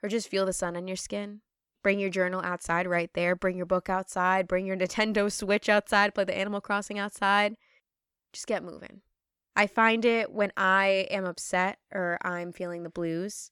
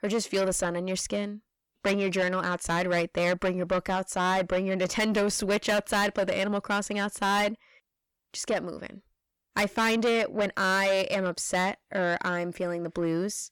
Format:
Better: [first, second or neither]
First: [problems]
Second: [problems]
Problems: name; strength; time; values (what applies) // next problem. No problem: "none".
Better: first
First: none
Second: distortion; heavy; 7 dB below the speech